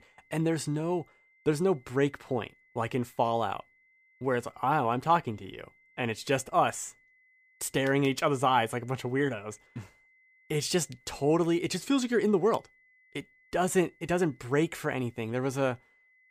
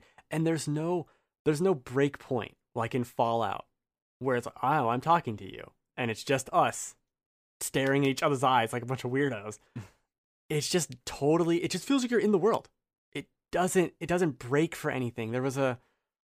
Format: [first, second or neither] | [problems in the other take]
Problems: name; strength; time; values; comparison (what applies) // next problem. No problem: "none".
second | high-pitched whine; faint; throughout; 2 kHz, 35 dB below the speech